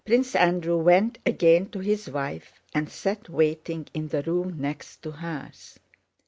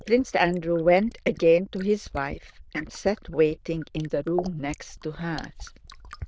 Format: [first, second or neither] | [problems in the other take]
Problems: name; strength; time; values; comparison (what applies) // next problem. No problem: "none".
first | noise reduction (neural diffusion model UNIVERSE++)